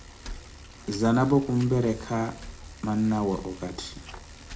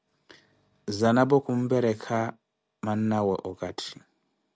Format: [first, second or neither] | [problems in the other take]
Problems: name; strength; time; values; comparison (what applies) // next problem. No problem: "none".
second | background sound (Bicycle); 15 dB below the speech // room echo; dies away in 0.3 s